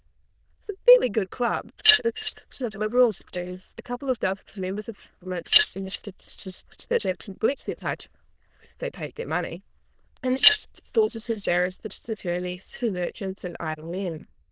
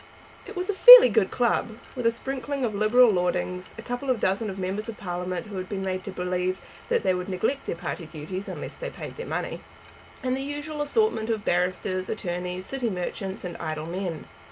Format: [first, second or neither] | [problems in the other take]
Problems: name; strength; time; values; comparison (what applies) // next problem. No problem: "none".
second | noise reduction (neural diffusion model UNIVERSE++)